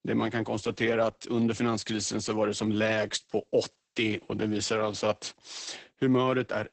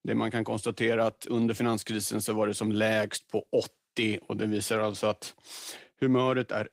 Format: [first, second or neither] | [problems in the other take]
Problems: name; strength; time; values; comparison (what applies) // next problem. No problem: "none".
second | garbled, watery; badly; nothing above 8 kHz; slightly in the second